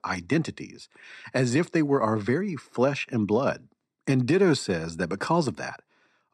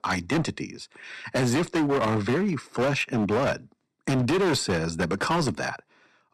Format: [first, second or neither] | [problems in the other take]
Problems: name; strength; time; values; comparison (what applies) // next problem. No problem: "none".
first | distortion; heavy; 16% of the sound clipped